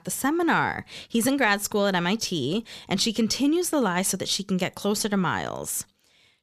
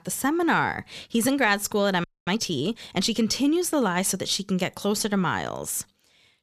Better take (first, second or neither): first